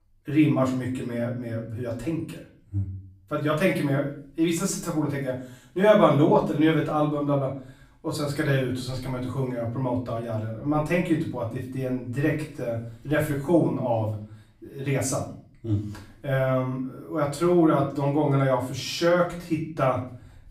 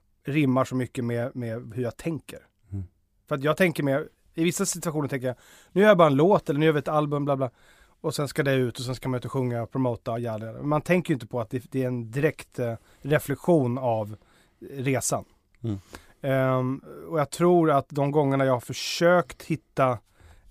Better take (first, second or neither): second